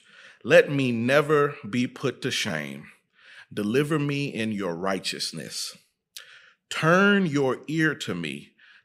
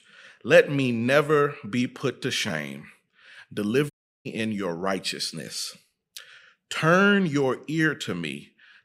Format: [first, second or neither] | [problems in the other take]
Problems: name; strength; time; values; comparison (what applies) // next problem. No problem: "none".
first | audio cutting out; at 4 s